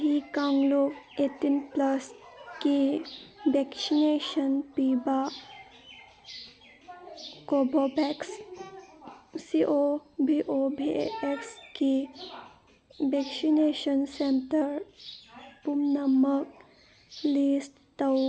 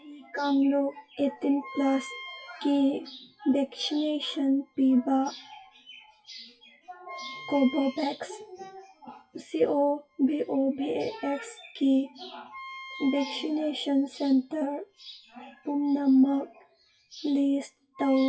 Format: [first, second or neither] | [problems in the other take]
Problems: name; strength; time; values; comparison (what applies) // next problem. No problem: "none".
first | noise reduction (classical method WPE with log-MMSE)